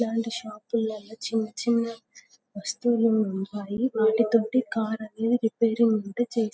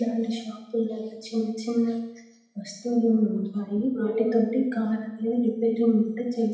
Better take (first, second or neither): first